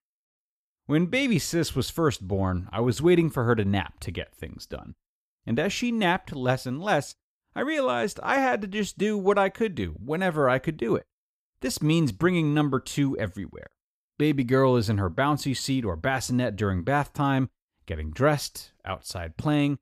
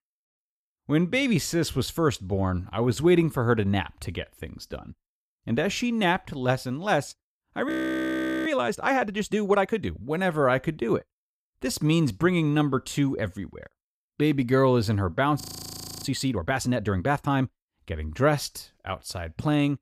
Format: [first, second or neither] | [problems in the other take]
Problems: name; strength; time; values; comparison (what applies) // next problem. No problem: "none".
first | audio freezing; at 7.5 s for 1 s and at 15 s for 0.5 s